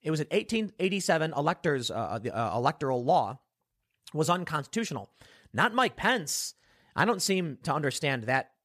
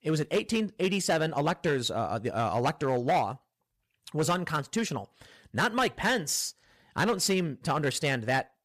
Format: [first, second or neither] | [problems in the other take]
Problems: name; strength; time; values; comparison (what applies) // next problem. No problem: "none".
first | distortion; slight; 6% of the sound clipped